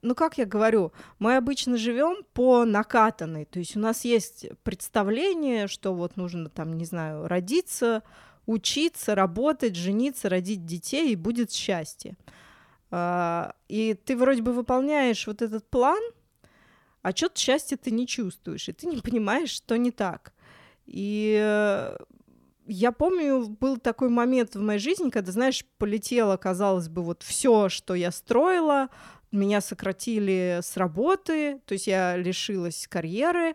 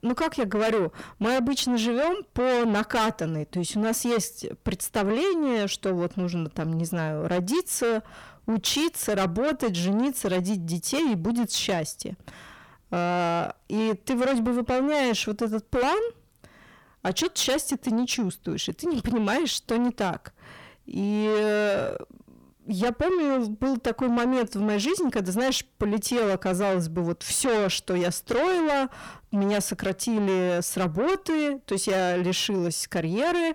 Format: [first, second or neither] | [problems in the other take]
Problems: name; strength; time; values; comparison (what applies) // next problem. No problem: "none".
first | distortion; heavy; 7 dB below the speech